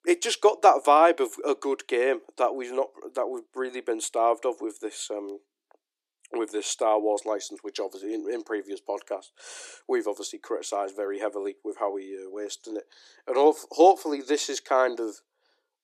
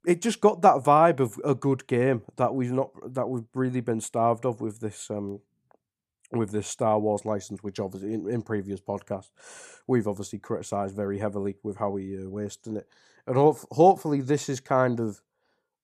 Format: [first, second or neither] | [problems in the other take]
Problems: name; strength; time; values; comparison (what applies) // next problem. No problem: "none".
second | thin; somewhat; fading below 300 Hz